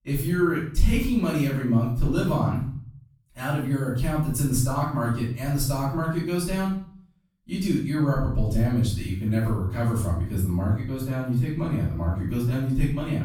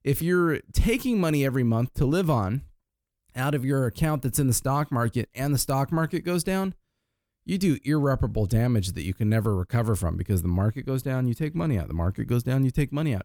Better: second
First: off-mic speech; far // room echo; noticeable; dies away in 0.5 s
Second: none

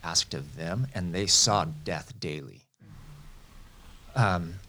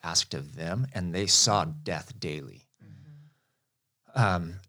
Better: second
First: hiss; faint; until 2 s and from 3 s on; 25 dB below the speech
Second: none

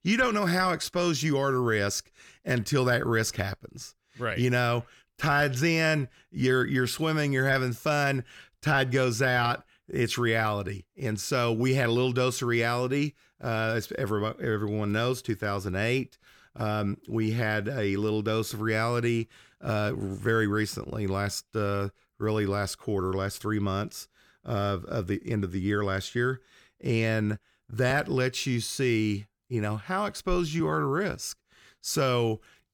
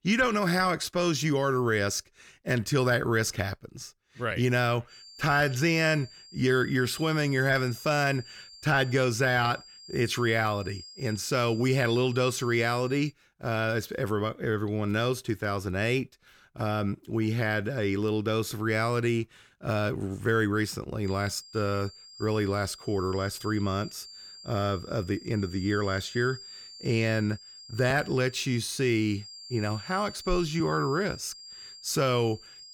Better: first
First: none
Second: high-pitched whine; noticeable; from 5 to 13 s and from 21 s on; 5 kHz, 15 dB below the speech

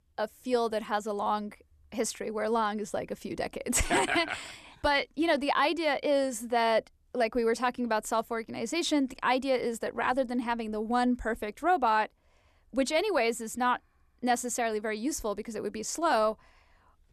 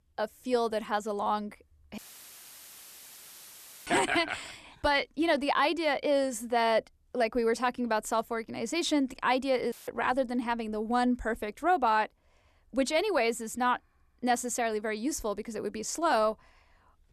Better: first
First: none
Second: audio cutting out; filled with static; at 2 s for 2 s and at 9.5 s

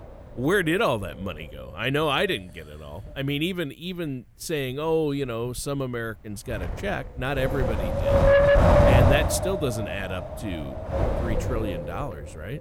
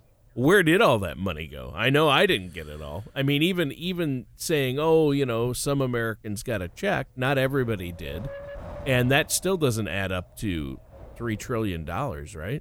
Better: second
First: wind noise on the microphone; heavy; 4 dB above the speech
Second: wind noise on the microphone; occasional gusts; 20 dB below the speech

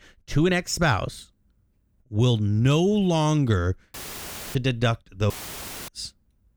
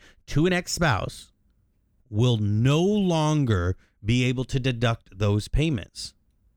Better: second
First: audio cutting out; filled with static; at 4 s for 0.5 s and at 5.5 s for 0.5 s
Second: none

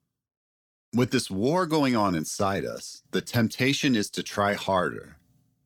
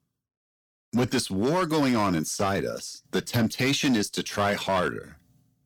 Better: first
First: none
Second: distortion; slight; 7% of the sound clipped

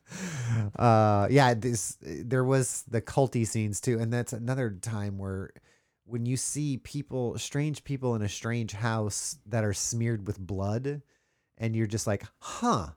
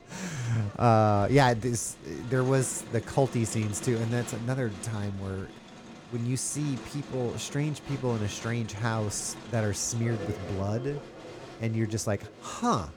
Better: first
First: none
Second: crowd noise; noticeable; throughout; 15 dB below the speech

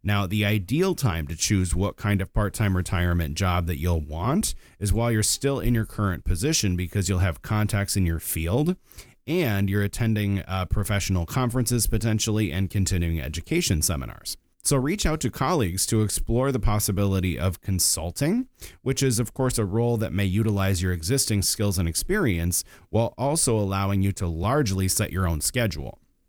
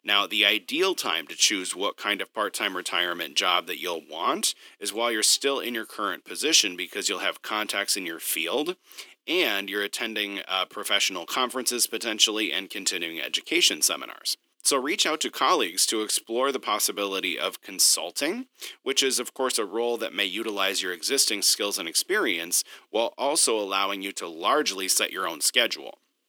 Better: first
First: none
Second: thin; very; fading below 300 Hz

